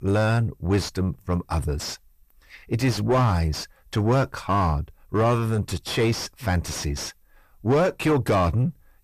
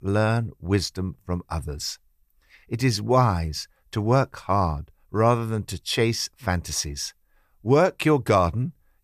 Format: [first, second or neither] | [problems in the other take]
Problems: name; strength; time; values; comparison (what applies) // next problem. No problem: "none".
second | distortion; heavy; 6 dB below the speech